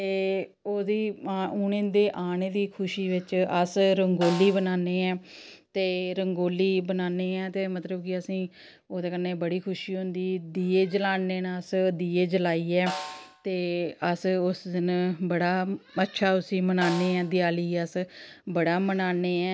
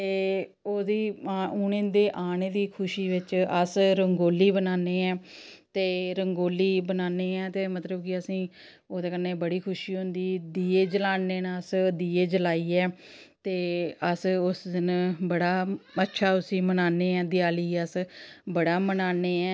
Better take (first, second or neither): second